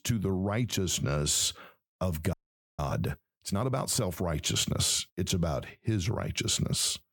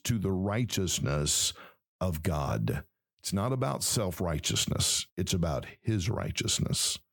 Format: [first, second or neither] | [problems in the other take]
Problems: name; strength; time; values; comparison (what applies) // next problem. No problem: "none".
second | audio freezing; at 2.5 s